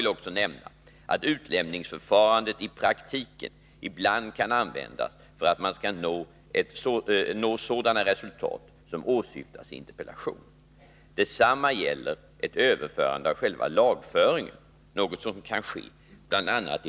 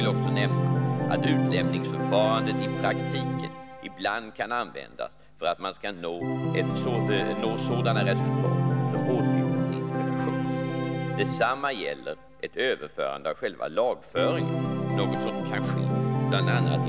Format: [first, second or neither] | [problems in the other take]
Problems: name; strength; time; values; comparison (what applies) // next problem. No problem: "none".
first | background sound (Organ); 4 dB above the speech